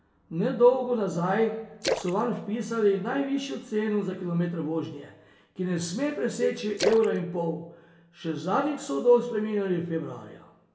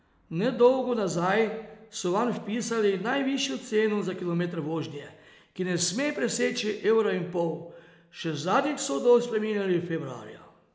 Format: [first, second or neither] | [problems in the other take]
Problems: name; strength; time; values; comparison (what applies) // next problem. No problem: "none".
second | background sound (Splash, splatter); 9 dB below the speech // room echo; dies away in 0.3 s